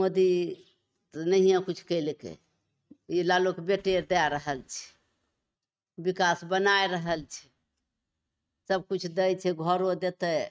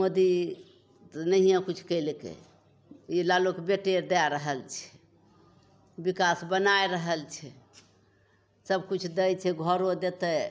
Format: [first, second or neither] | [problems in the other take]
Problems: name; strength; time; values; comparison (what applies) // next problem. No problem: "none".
second | noise reduction (neural mask model RNNoise)